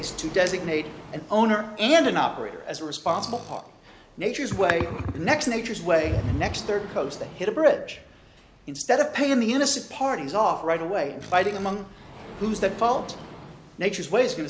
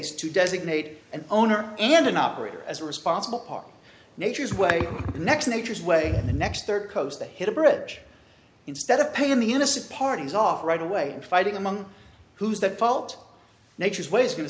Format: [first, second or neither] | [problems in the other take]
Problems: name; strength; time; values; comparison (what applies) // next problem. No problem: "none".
second | background sound (Sliding door + Tools); 19 dB below the speech